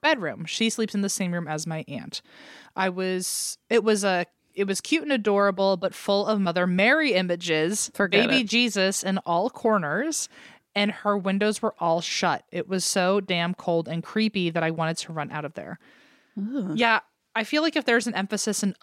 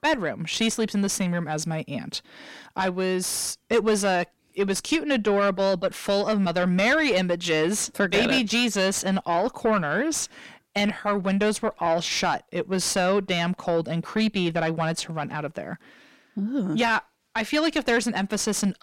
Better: first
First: none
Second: distortion; slight; 10 dB below the speech

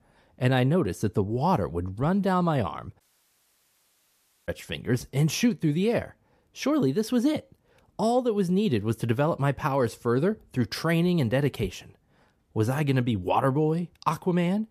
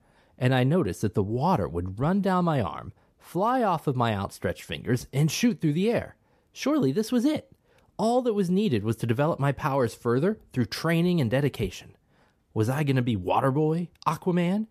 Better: second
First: audio cutting out; at 3 s for 1.5 s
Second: none

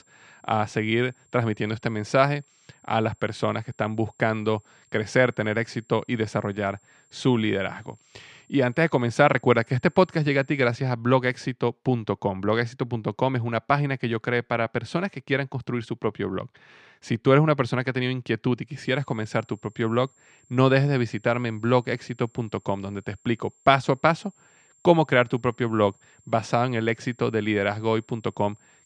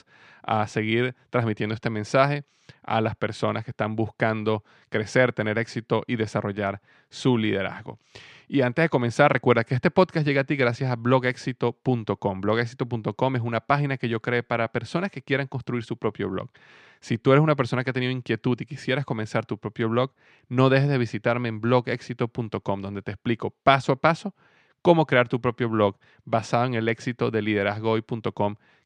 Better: second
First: high-pitched whine; faint; until 11 s and from 19 s on; 7.5 kHz, 35 dB below the speech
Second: none

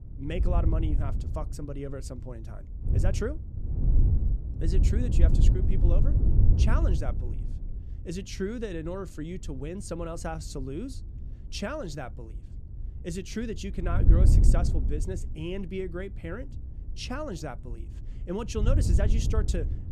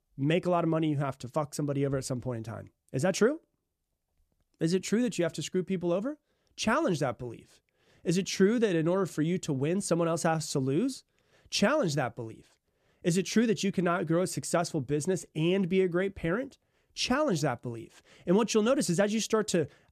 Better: second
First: wind noise on the microphone; heavy; 5 dB below the speech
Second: none

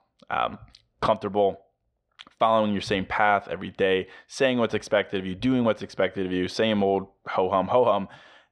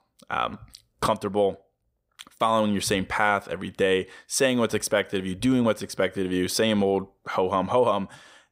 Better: second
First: muffled; slightly; fading above 3.5 kHz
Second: none

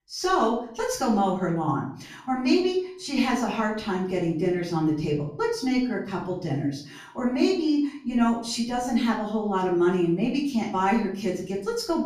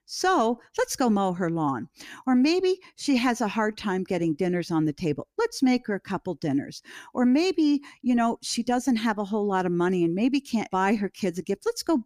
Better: second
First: room echo; slight; dies away in 0.5 s // off-mic speech; far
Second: none

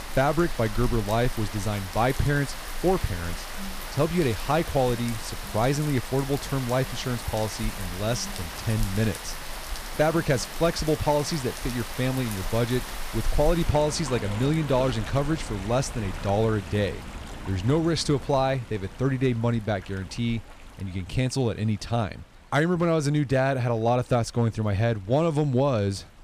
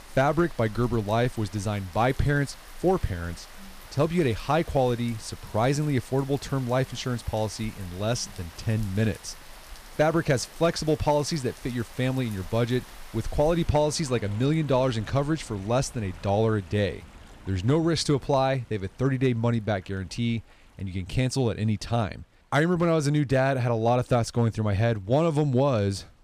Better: second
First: rain or running water; loud; throughout; 10 dB below the speech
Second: rain or running water; faint; throughout; 20 dB below the speech

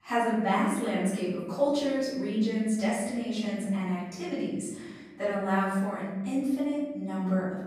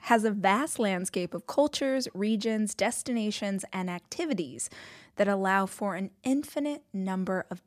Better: second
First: off-mic speech; far // room echo; noticeable; dies away in 1.3 s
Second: none

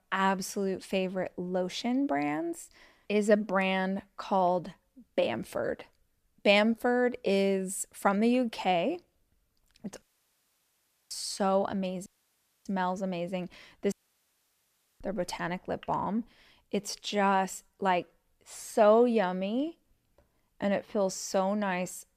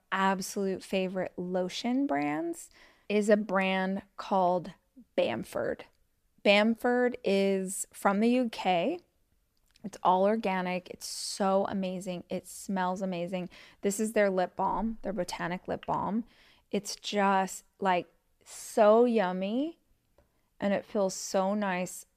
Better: second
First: audio cutting out; at 10 s for 1 s, at 12 s for 0.5 s and at 14 s for 1 s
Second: none

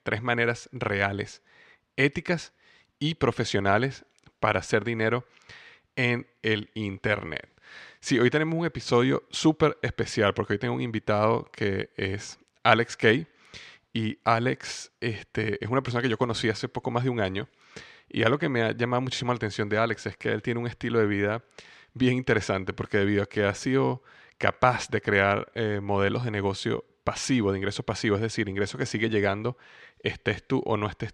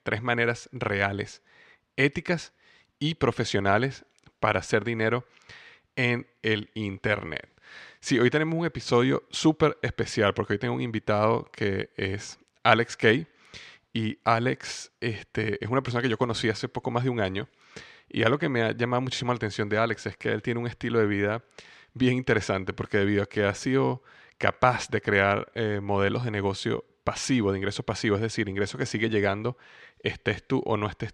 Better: neither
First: none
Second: none

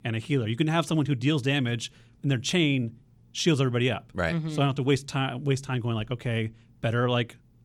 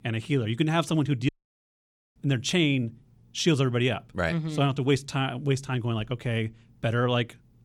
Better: first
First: none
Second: audio cutting out; at 1.5 s for 1 s

